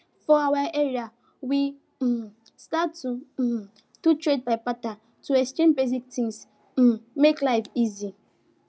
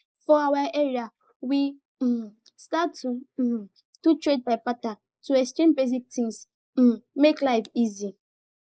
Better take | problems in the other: first | noise reduction (neural mask model Resemble Enhance denoiser)

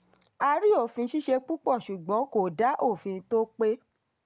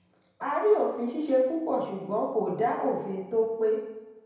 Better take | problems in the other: first | room echo; dies away in 0.9 s

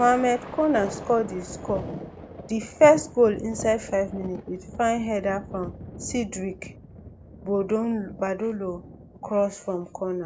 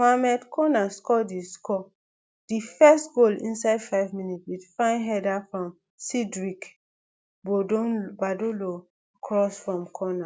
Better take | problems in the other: second | background sound (Thunder); 14 dB below the speech

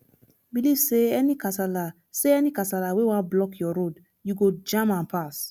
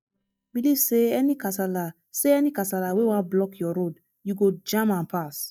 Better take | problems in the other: first | noise reduction (neural mask model DeepFilterNet 3)

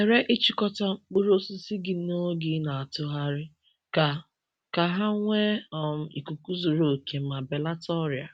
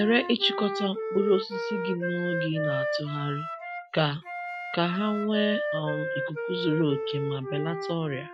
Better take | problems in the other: first | noise reduction (classical method Wiener filter)

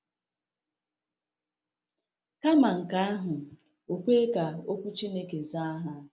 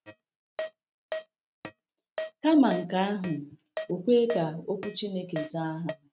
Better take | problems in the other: first | noise reduction (neural mask model RNNoise)

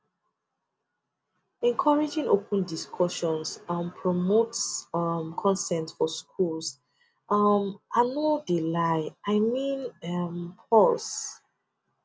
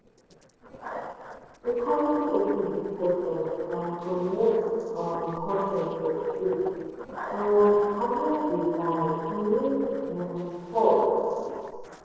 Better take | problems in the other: first | noise reduction (neural separator model SepFormer DNS4)

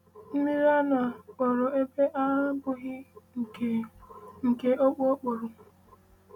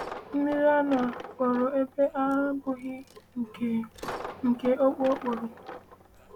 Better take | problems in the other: first | background sound (Coin (dropping)); 14 dB below the speech

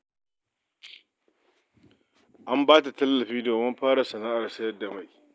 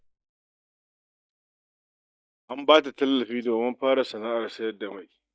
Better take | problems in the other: first | noise reduction (neural mask model DeepFilterNet 3)

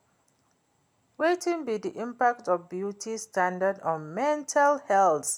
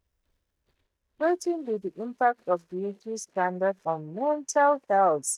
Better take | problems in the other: first | noise reduction (neural mask model DeepFilterNet 3)

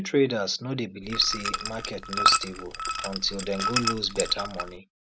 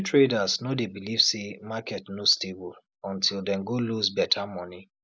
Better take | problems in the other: second | background sound (Liquid); as loud as the speech

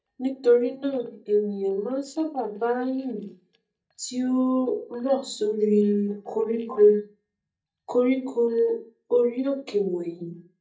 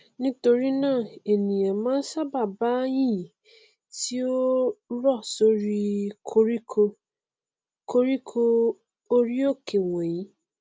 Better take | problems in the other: second | noise reduction (neural mask model DeepFilterNet 3)

